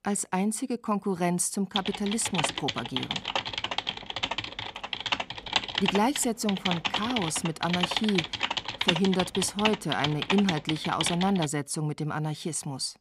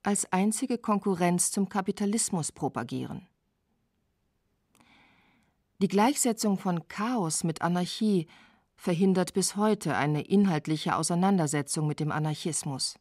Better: second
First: keyboard typing; loud; from 2 to 11 s; peak 2 dB above the speech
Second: none

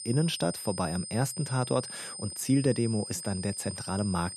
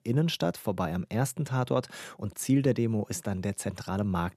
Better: second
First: high-pitched whine; loud; throughout; 8.5 kHz, 8 dB below the speech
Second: none

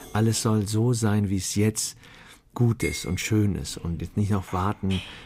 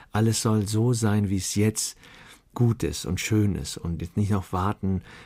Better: second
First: household noises; noticeable; throughout; 15 dB below the speech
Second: none

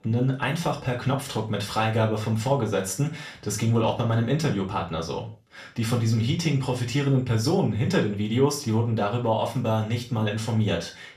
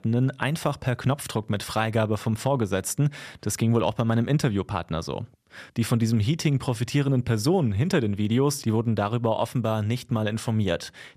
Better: second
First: room echo; slight; dies away in 0.3 s // off-mic speech; far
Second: none

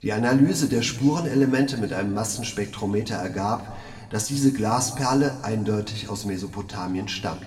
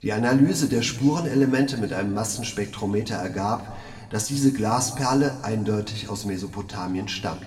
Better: neither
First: room echo; slight; dies away in 1.4 s // off-mic speech; somewhat distant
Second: room echo; slight; dies away in 1.4 s // off-mic speech; somewhat distant

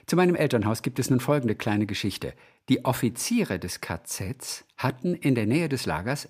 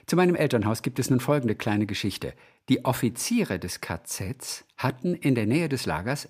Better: neither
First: none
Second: none

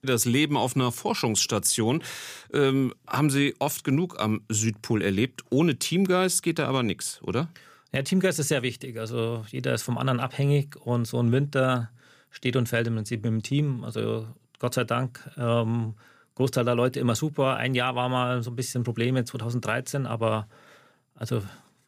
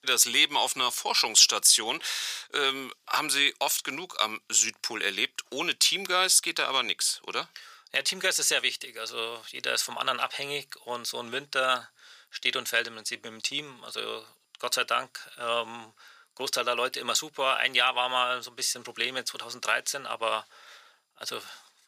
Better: first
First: none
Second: thin; very; fading below 800 Hz

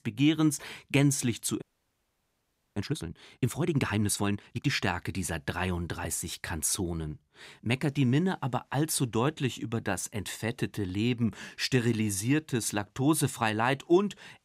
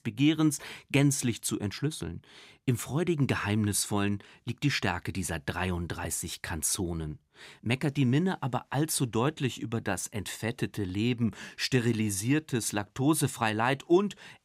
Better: second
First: audio freezing; at 1.5 s for 1 s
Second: none

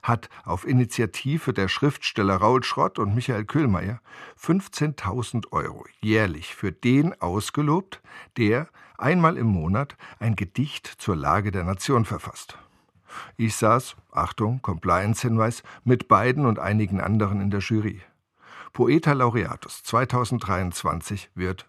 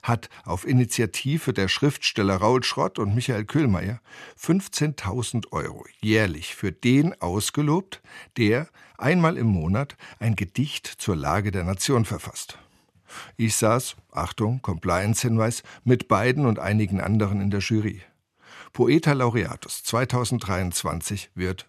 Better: second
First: muffled; slightly; fading above 3.5 kHz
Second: none

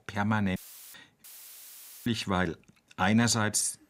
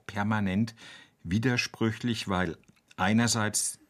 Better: second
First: audio cutting out; filled with static; at 0.5 s and at 1 s for 1 s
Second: none

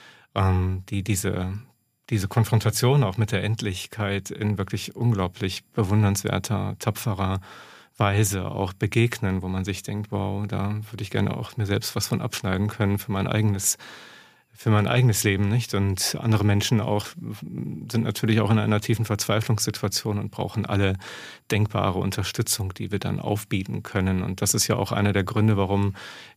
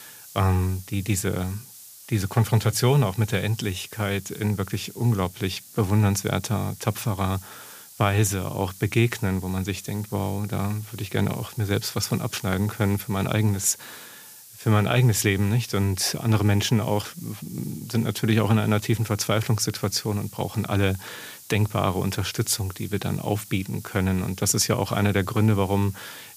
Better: first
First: none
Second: hiss; noticeable; throughout; 20 dB below the speech

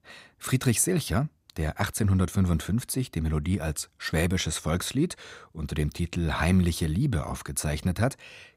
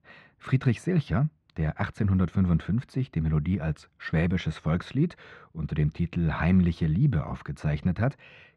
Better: first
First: none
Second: muffled; very; fading above 2.5 kHz

